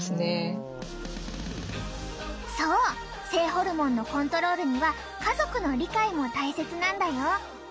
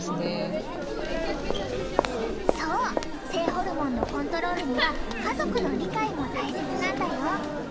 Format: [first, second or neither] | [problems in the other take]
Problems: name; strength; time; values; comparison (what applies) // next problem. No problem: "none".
first | background sound (Crowd); 2 dB above the speech